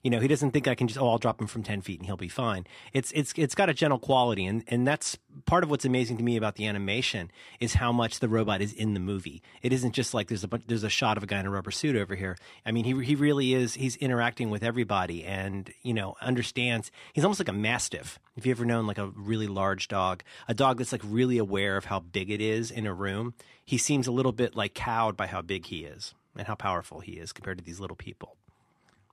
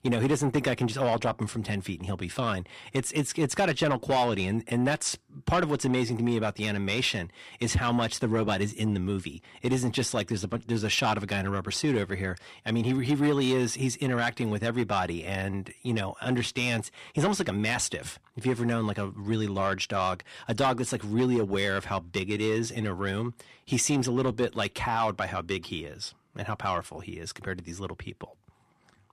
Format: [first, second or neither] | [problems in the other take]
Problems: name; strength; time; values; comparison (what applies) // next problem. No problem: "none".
first | distortion; slight; 10 dB below the speech